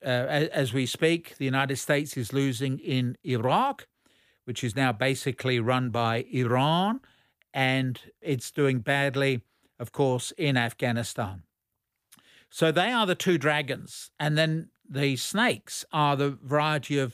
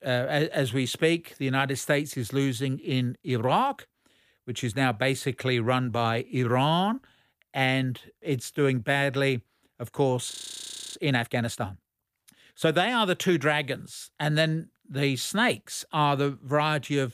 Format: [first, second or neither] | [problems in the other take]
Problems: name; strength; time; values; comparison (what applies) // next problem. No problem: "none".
first | audio freezing; at 10 s for 0.5 s